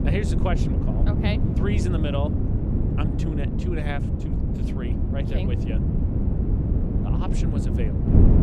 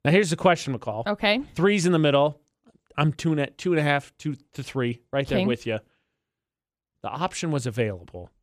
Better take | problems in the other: second | wind noise on the microphone; heavy; as loud as the speech

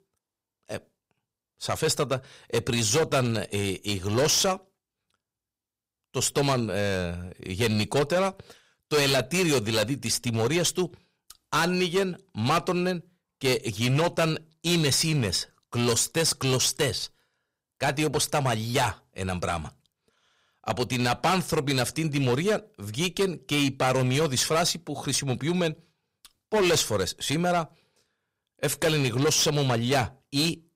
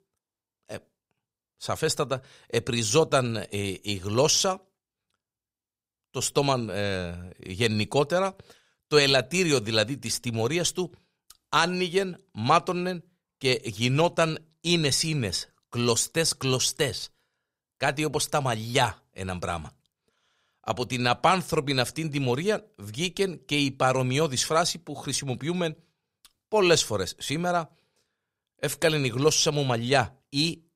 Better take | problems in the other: second | distortion; heavy; 9% of the sound clipped

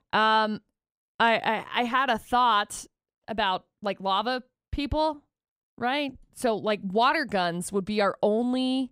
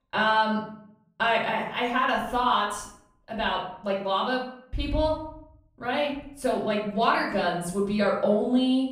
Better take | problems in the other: first | off-mic speech; far // room echo; noticeable; dies away in 0.6 s

